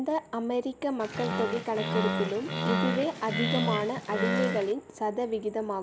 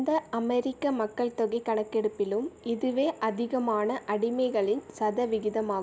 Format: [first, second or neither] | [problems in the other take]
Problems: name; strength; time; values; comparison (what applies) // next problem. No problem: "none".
second | background sound (Animal); as loud as the speech